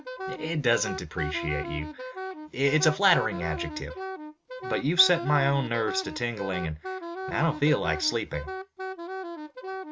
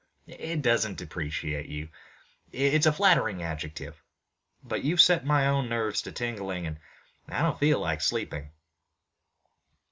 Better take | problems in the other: second | background sound (Wind instrument, woodwind instrument); 8 dB below the speech

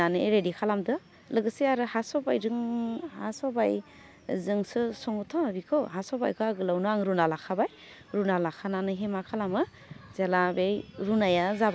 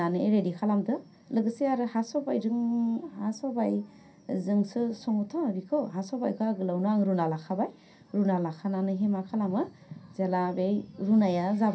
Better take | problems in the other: first | room echo; dies away in 0.3 s

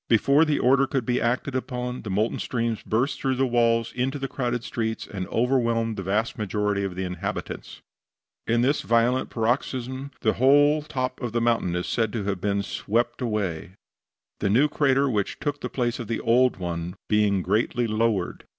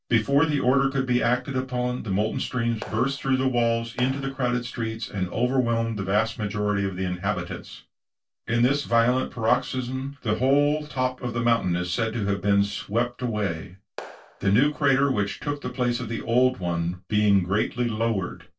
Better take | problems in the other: first | noise reduction (neural separator model SepFormer DNS4)

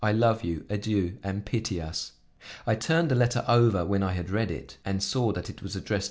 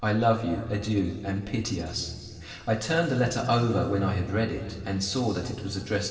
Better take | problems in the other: first | room echo; dies away in 2.7 s

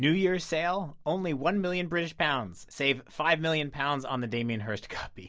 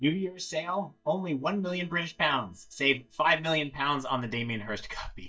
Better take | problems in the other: first | noise reduction (neural mask model DeepFilterNet 3)

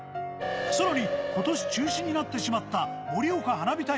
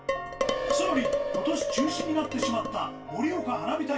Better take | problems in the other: first | background sound (Dishes, pots, and pans); 5 dB below the speech // room echo; dies away in 0.2 s

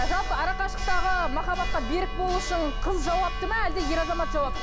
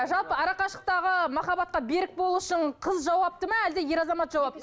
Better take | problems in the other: second | background sound (Church bell); as loud as the speech

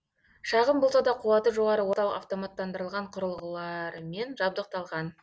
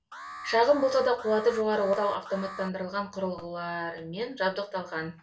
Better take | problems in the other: first | background sound (Alarm); 15 dB below the speech // room echo; dies away in 0.3 s

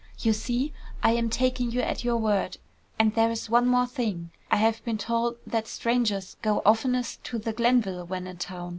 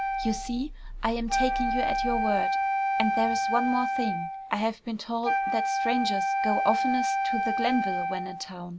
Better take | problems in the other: first | background sound (Wind instrument, woodwind instrument); 2 dB above the speech

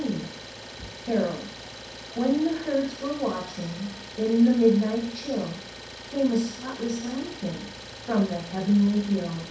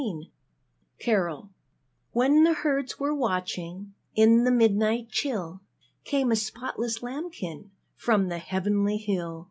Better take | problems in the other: second | background sound (Idling); 14 dB below the speech // room echo; dies away in 0.6 s

